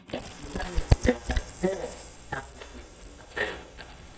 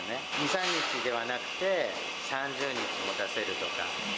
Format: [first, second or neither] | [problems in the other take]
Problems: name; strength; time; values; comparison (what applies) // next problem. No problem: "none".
second | noise reduction (neural mask model DeepFilterNet 3)